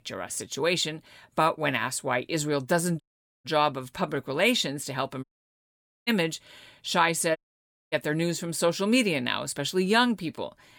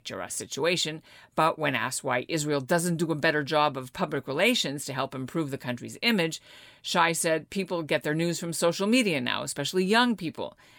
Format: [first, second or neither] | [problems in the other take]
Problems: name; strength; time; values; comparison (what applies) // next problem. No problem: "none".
second | audio cutting out; at 3 s, at 5 s for 1 s and at 7.5 s for 0.5 s